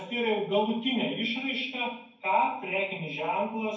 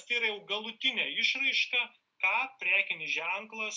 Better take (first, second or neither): second